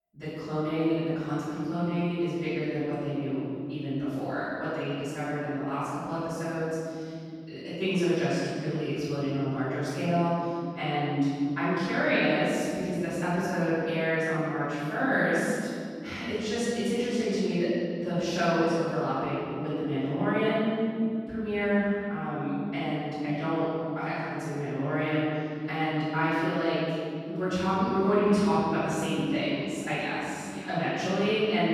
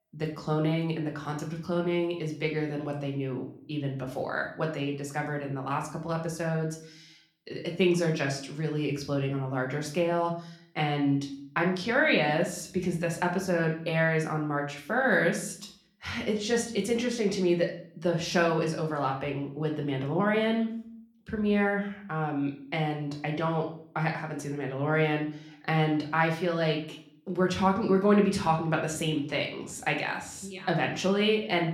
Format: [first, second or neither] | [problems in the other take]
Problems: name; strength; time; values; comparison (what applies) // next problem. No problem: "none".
second | room echo; strong; dies away in 2.7 s; slight in the second // off-mic speech; far; somewhat distant in the second